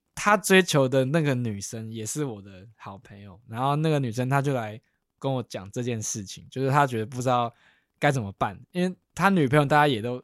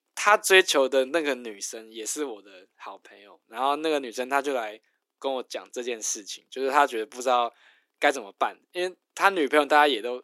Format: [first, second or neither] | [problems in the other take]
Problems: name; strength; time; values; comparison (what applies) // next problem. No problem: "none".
first | thin; somewhat; fading below 300 Hz